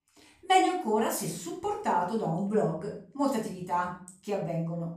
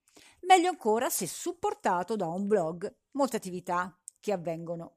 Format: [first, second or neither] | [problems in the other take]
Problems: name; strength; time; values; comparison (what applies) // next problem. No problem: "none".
second | off-mic speech; far // room echo; slight; dies away in 0.5 s